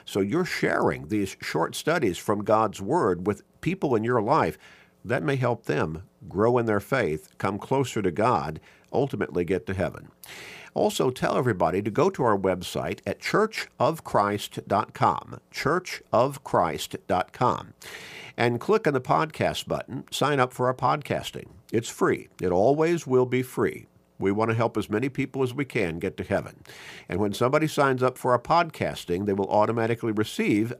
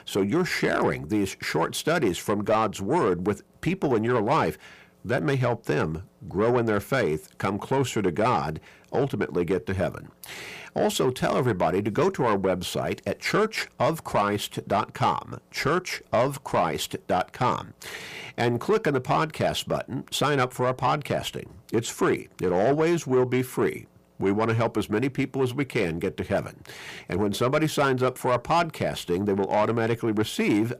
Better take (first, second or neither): first